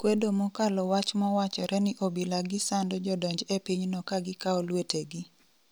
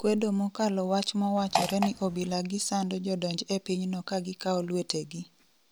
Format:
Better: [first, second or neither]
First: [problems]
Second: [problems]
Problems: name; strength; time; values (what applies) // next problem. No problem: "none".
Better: first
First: none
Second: background sound (Fart); 3 dB below the speech